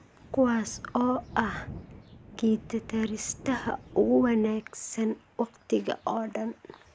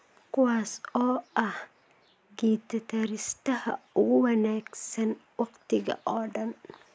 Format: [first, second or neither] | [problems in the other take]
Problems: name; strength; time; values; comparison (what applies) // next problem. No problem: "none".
second | background sound (Thunder); 18 dB below the speech